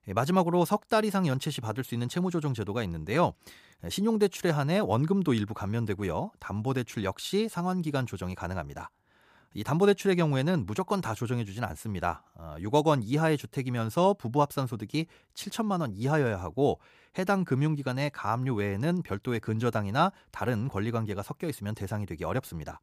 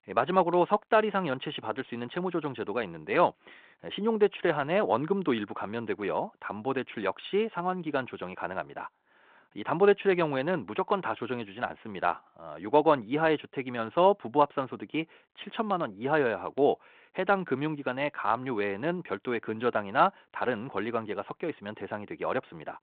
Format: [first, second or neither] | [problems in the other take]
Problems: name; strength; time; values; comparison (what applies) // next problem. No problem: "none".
first | phone-call audio; nothing above 3.5 kHz